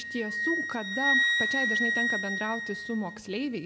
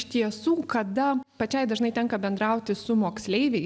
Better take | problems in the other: second | background sound (Wind instrument, woodwind instrument); 4 dB above the speech

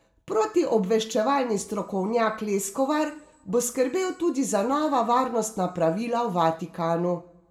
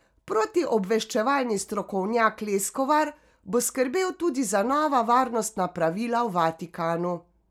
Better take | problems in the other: second | room echo; dies away in 0.5 s

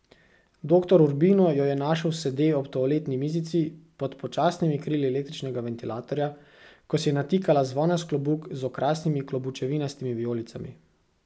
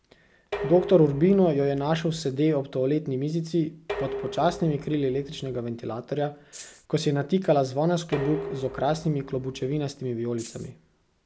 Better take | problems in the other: first | background sound (Dishes, pots, and pans + Rattle (instrument)); 12 dB below the speech

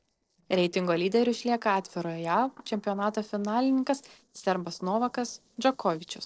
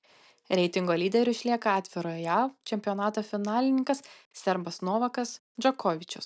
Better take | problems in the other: second | noise reduction (neural separator model SepFormer DNS4)

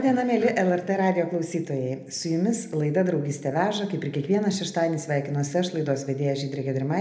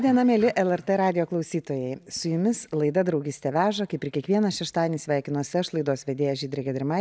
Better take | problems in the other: second | room echo; dies away in 0.7 s

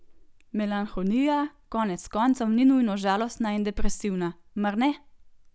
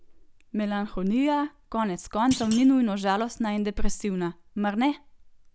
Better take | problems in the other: first | background sound (Thump, thud); 14 dB below the speech

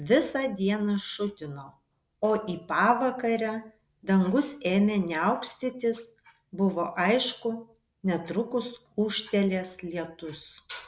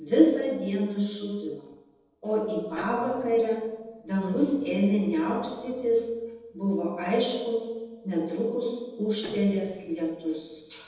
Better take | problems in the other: first | noise reduction (neural separator model SepFormer DNS4)

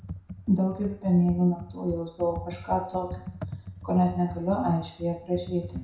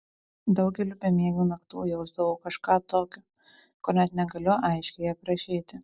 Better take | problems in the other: second | background sound (Computer keyboard); 12 dB below the speech // room echo; dies away in 0.6 s

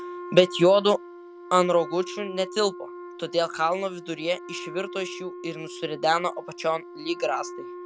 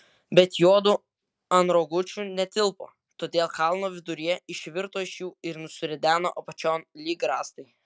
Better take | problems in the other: second | background sound (Wind instrument, woodwind instrument); 13 dB below the speech

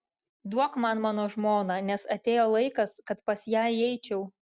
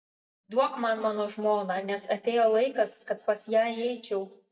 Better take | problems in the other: first | noise reduction (neural mask model DeepFilterNet 3)

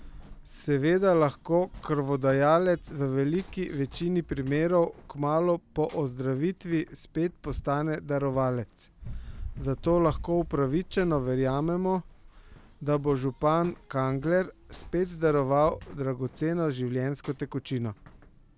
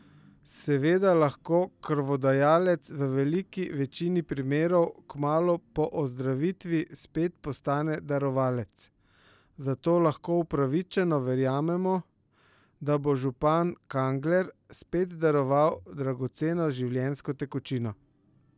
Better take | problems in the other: second | background sound (Run); 17 dB below the speech

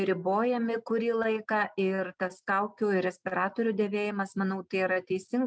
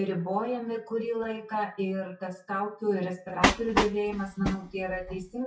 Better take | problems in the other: first | noise reduction (classical method WPE with log-MMSE)

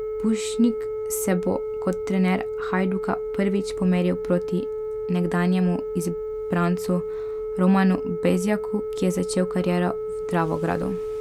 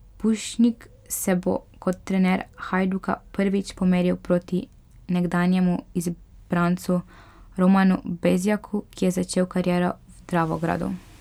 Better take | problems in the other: second | background sound (Telephone); 5 dB below the speech

